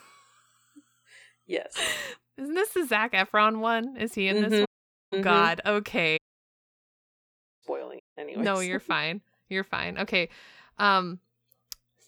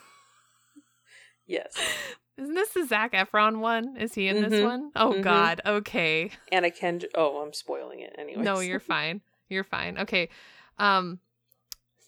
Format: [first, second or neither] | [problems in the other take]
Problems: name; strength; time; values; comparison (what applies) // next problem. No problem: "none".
second | audio cutting out; at 4.5 s, at 6 s for 1.5 s and at 8 s